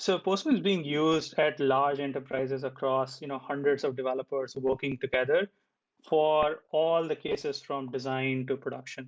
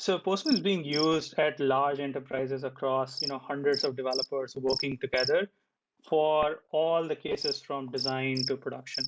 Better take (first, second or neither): first